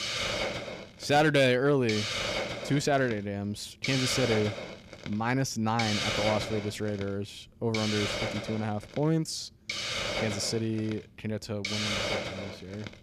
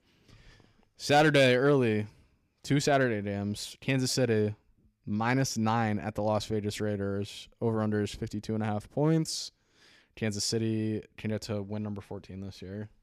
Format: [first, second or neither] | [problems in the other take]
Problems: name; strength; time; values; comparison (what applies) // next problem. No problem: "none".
second | hiss; loud; throughout; 3 dB below the speech